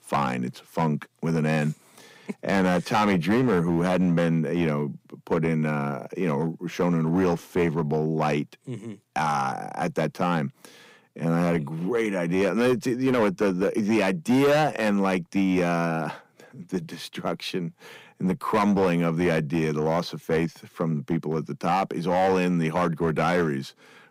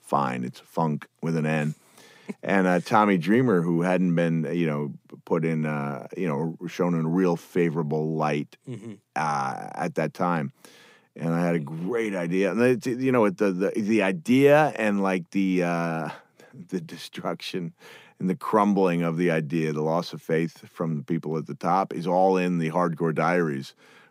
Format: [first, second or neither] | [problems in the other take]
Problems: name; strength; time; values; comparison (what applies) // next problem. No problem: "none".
second | distortion; slight; 6% of the sound clipped